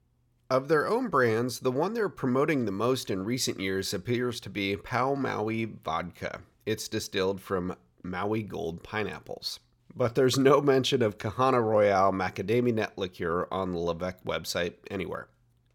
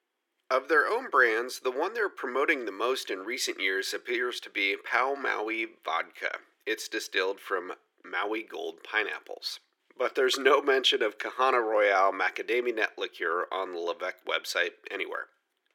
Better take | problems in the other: first | thin; very; fading below 350 Hz

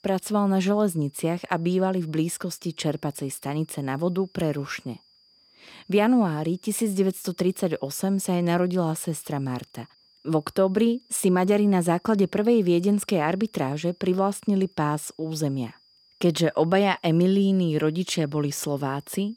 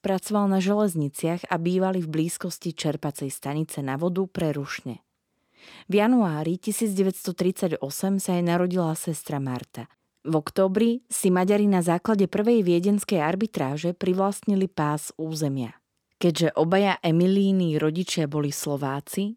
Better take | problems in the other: second | high-pitched whine; faint; throughout; 4.5 kHz, 35 dB below the speech

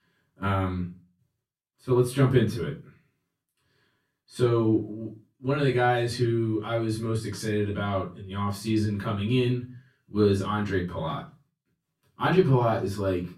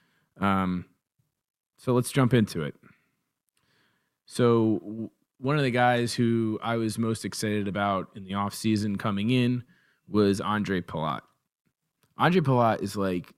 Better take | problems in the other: second | off-mic speech; far // room echo; slight; dies away in 0.3 s

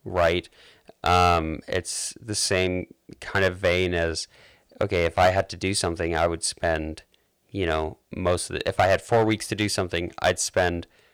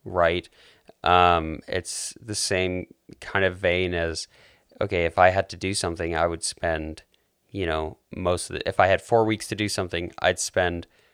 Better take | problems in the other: second | distortion; slight; 2% of the sound clipped

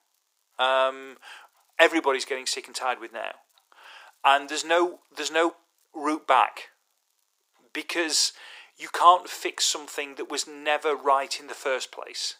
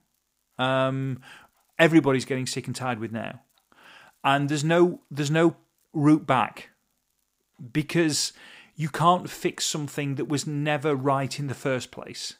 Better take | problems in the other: second | thin; very; fading below 400 Hz

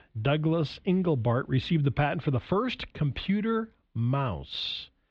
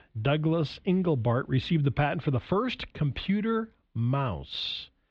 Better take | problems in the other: neither | muffled; slightly; fading above 4 kHz; the same in both

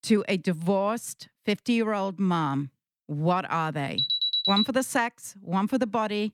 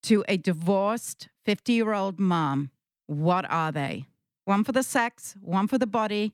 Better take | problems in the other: second | alarm; loud; at 4 s; peak 4 dB above the speech

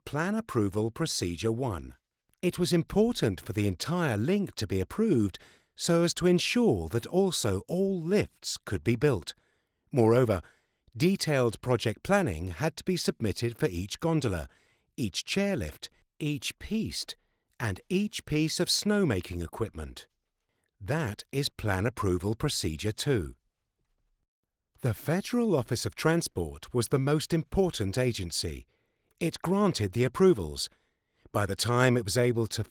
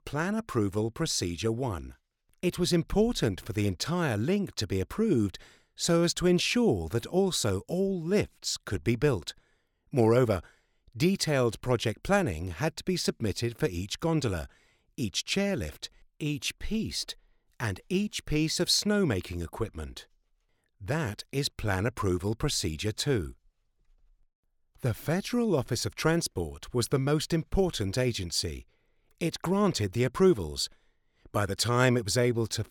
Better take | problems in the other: second | garbled, watery; slightly; nothing above 17.5 kHz

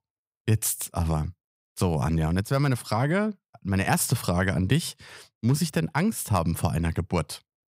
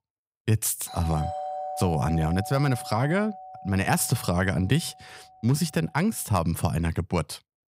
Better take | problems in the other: first | doorbell; noticeable; from 1 to 5 s; peak 6 dB below the speech

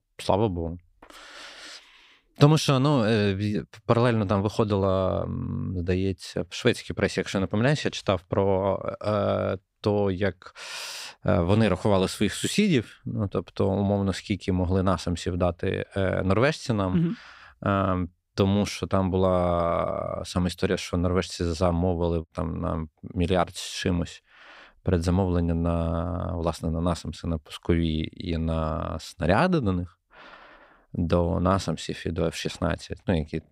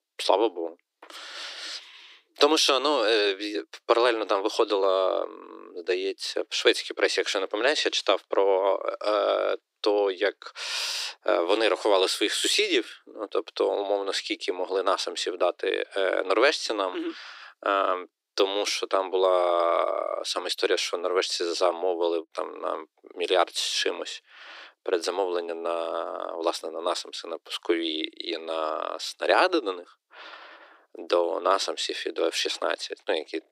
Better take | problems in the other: first | thin; very; fading below 300 Hz

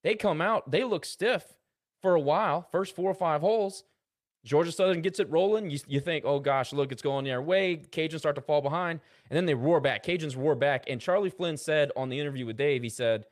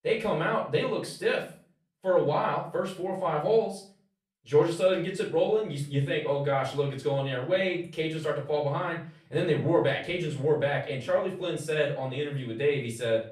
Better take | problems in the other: first | off-mic speech; far // room echo; slight; dies away in 0.4 s

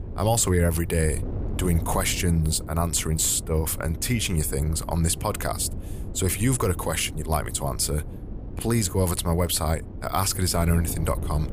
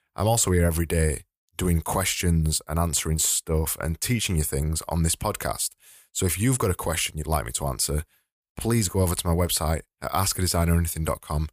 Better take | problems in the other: second | wind noise on the microphone; occasional gusts; 15 dB below the speech

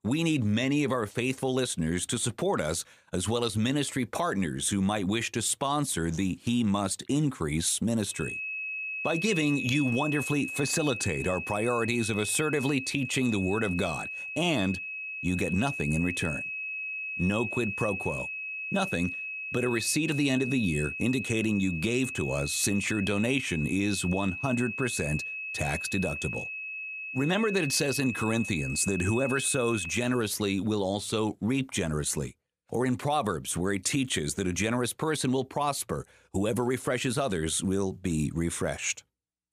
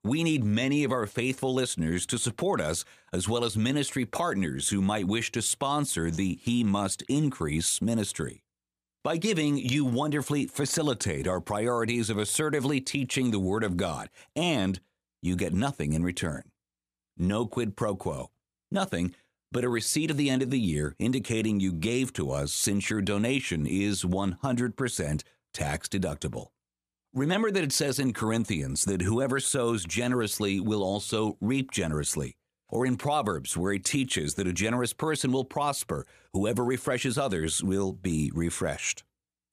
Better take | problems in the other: second | high-pitched whine; loud; from 8 to 30 s; 2.5 kHz, 5 dB below the speech

